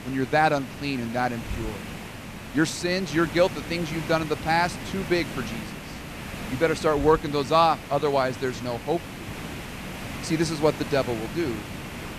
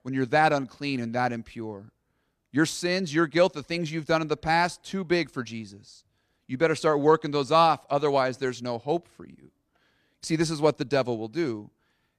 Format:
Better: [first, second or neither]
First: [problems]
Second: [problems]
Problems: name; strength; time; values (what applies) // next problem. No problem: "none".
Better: second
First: hiss; noticeable; throughout; 10 dB below the speech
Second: none